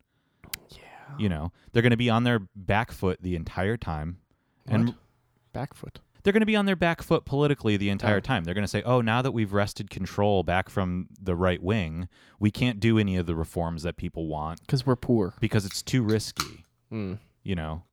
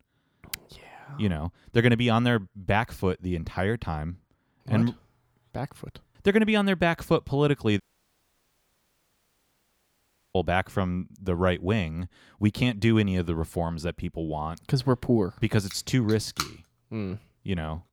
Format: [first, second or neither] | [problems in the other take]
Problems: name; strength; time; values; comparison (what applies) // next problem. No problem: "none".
first | audio cutting out; at 8 s for 2.5 s